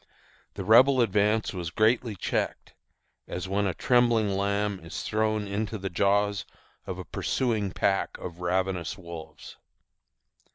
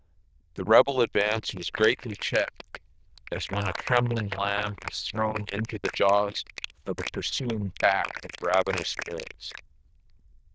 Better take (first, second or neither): first